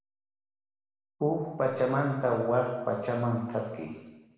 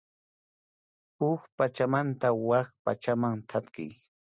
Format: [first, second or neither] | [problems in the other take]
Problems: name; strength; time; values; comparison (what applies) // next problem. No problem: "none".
second | room echo; dies away in 1.1 s